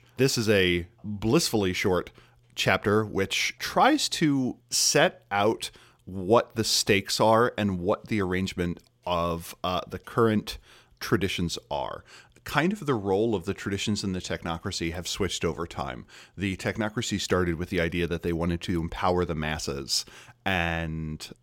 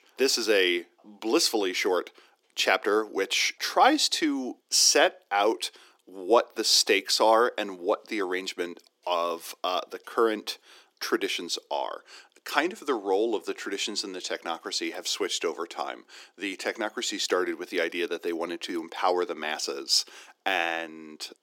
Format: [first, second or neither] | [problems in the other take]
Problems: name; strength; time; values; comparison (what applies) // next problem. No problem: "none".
first | thin; somewhat; fading below 300 Hz